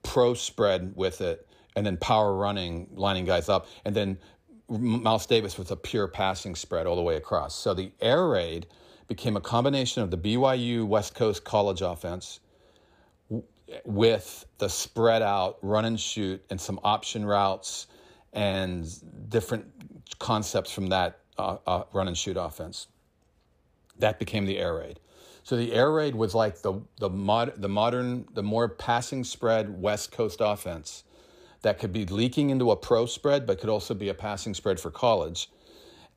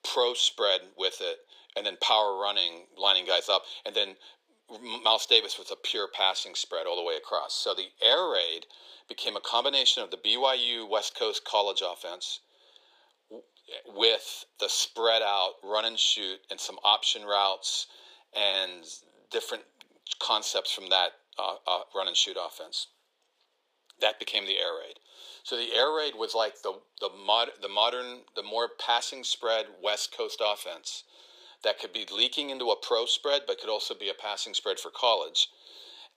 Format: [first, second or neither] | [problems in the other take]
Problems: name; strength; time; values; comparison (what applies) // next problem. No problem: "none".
first | thin; very; fading below 400 Hz